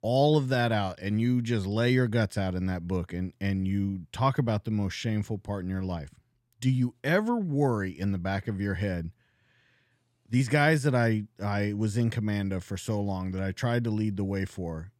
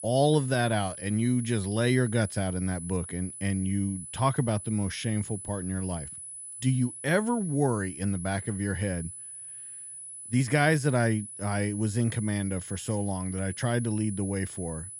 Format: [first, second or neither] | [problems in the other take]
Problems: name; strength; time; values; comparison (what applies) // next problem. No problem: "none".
first | high-pitched whine; noticeable; throughout; 10 kHz, 10 dB below the speech